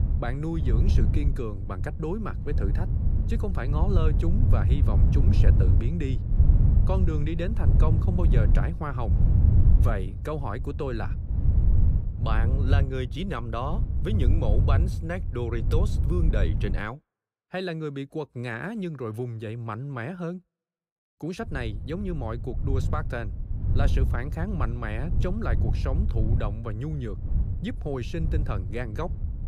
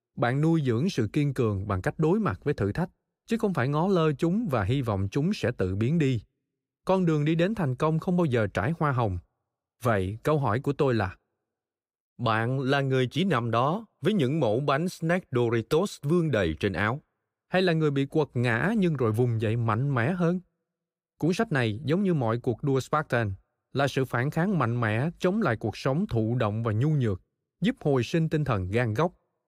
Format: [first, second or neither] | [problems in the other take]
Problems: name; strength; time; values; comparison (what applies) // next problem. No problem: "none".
second | wind noise on the microphone; heavy; until 17 s and from 21 s on; 6 dB below the speech